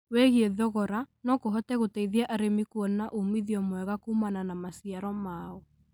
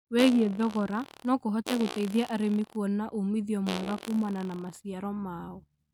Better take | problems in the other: first | noise reduction (neural mask model RNNoise)

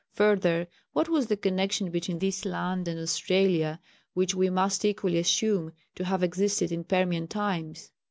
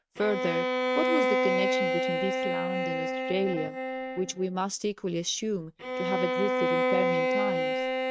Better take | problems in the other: first | noise reduction (neural mask model RNNoise)

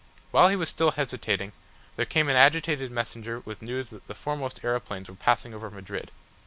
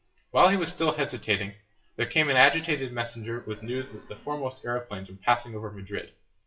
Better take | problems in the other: first | noise reduction (classical method WPE with log-MMSE)

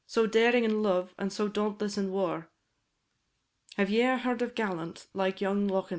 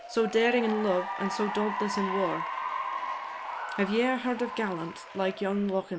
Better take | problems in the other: first | background sound (Applause / Cheering); 6 dB below the speech

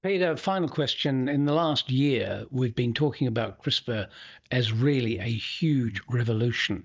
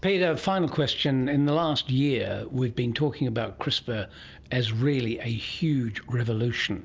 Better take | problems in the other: second | noise reduction (neural mask model DeepFilterNet 3)

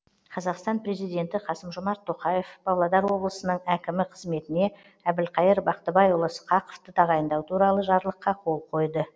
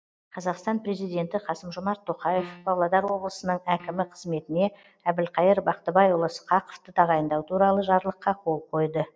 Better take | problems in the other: first | noise reduction (neural mask model DeepFilterNet 3)

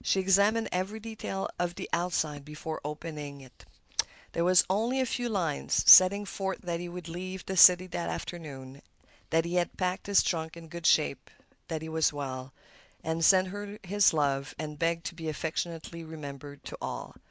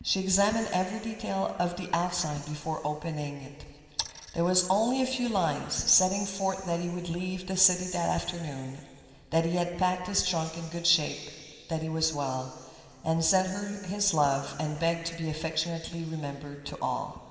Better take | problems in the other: first | room echo; dies away in 2.6 s

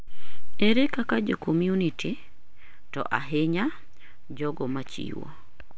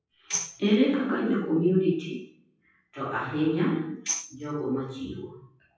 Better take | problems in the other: first | noise reduction (classical method WPE with log-MMSE)

